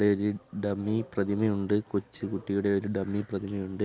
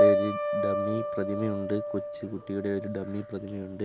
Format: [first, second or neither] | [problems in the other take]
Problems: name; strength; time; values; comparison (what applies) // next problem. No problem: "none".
first | background sound (Piano); 3 dB above the speech